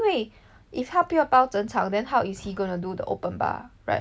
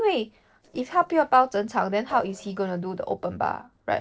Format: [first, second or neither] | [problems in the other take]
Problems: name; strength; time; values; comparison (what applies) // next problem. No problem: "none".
first | noise reduction (neural separator model SepFormer DNS4)